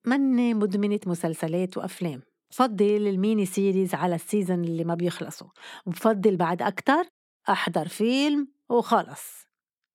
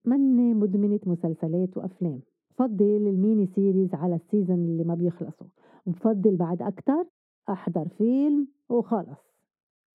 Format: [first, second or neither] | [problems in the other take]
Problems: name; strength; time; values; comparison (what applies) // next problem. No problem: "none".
first | muffled; very; fading above 1 kHz